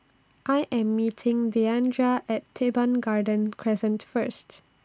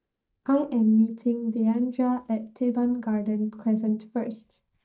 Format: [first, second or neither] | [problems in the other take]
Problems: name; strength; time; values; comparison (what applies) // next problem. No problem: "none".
first | noise reduction (neural mask model DeepFilterNet 3)